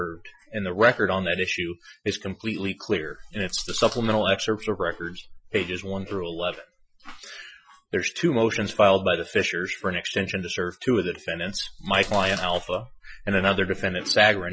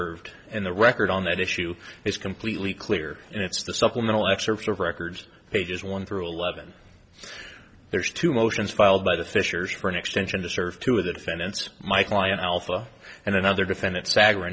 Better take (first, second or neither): second